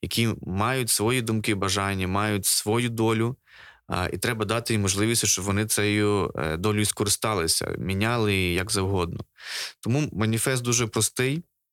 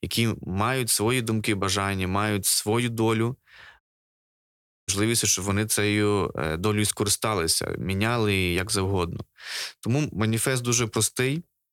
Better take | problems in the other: first | audio cutting out; at 4 s for 1 s

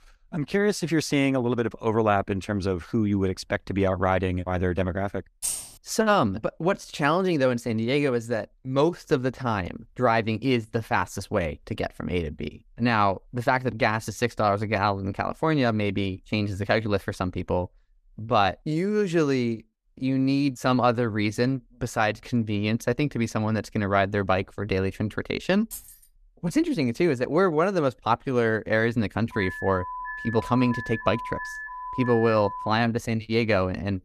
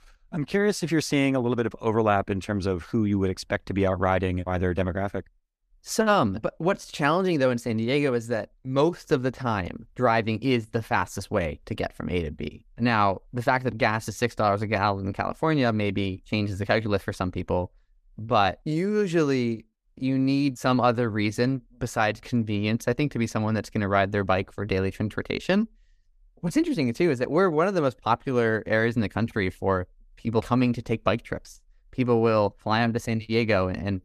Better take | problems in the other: second | jangling keys; noticeable; at 5.5 s; peak 3 dB below the speech // jangling keys; faint; at 26 s; peak 15 dB below the speech // alarm; noticeable; from 29 to 33 s; peak 8 dB below the speech

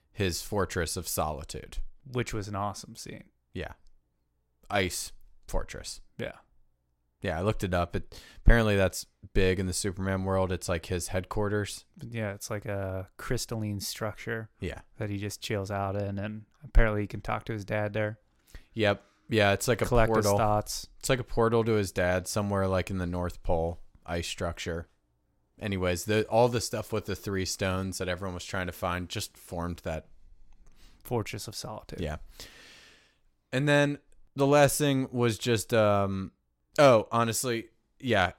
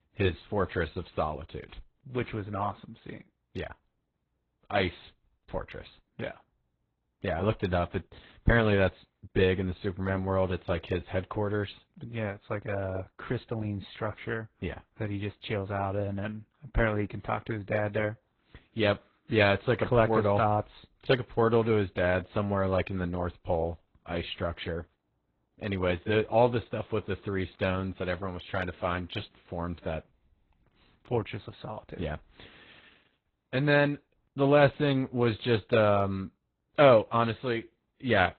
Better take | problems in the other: first | garbled, watery; badly; nothing above 4 kHz

